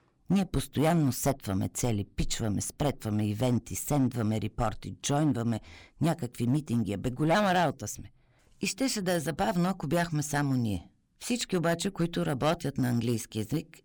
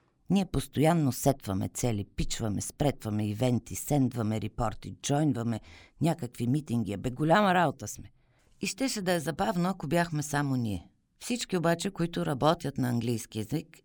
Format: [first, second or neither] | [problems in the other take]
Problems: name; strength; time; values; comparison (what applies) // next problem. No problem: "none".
second | distortion; slight; 4% of the sound clipped